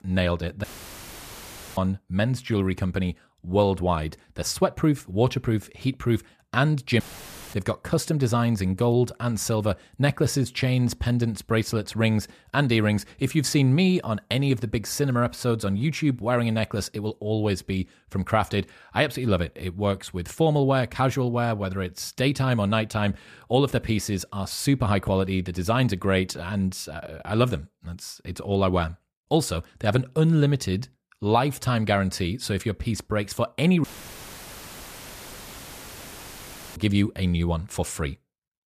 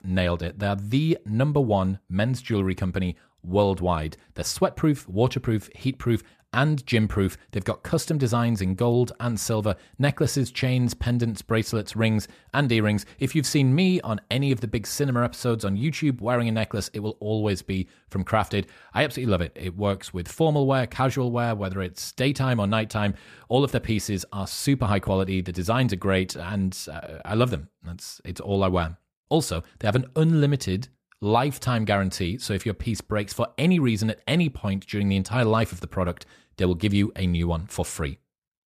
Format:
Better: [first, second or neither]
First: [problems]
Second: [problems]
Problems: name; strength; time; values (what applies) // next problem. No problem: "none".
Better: second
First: audio cutting out; filled with static; at 0.5 s for 1 s, at 7 s for 0.5 s and at 34 s for 3 s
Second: none